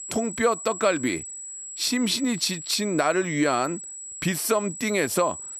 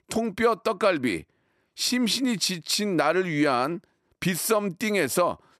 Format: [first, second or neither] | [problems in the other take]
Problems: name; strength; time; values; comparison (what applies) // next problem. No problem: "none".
second | high-pitched whine; loud; throughout; 7.5 kHz, 10 dB below the speech